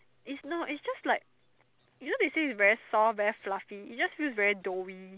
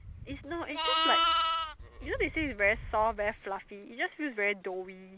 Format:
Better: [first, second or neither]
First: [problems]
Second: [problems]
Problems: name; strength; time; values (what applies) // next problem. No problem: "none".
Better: first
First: none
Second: background sound (Livestock, farm animals, working animals); 1 dB below the speech